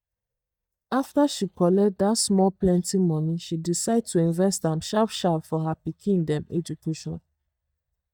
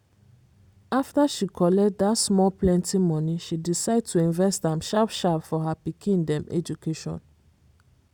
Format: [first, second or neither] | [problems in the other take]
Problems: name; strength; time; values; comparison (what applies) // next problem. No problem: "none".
second | noise reduction (neural mask model DeepFilterNet 3)